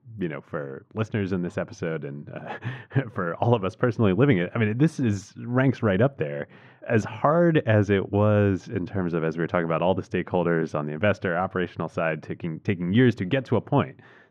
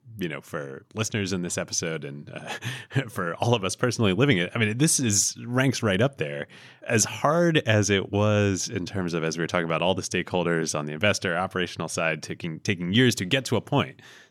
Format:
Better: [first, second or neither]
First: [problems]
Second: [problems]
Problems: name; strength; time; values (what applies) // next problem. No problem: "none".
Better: second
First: muffled; very; fading above 4 kHz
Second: none